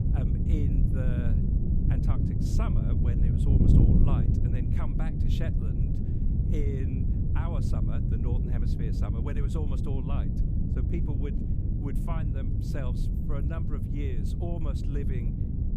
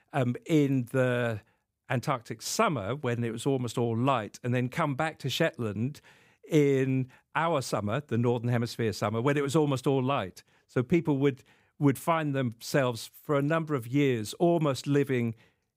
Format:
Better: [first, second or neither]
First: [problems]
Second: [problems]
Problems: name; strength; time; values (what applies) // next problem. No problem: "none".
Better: second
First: wind noise on the microphone; heavy; 3 dB above the speech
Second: none